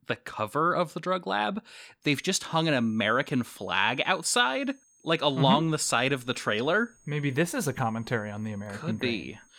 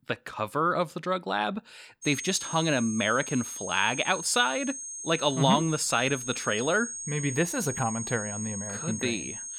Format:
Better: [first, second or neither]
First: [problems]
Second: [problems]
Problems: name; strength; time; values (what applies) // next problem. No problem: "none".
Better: first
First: high-pitched whine; faint; from 2 s on; 6.5 kHz, 30 dB below the speech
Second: high-pitched whine; loud; from 2 s on; 6.5 kHz, 7 dB below the speech